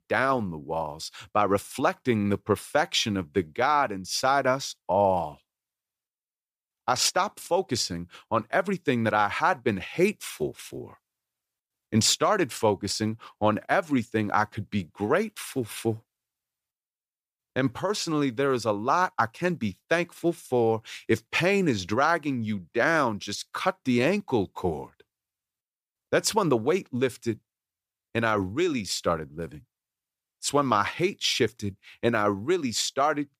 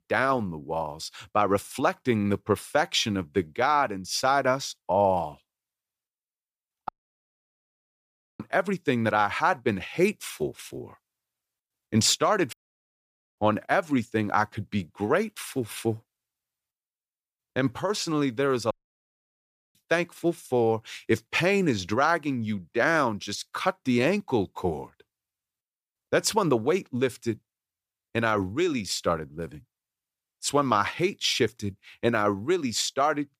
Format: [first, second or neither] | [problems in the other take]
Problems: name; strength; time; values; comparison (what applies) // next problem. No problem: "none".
first | audio cutting out; at 7 s for 1.5 s, at 13 s for 1 s and at 19 s for 1 s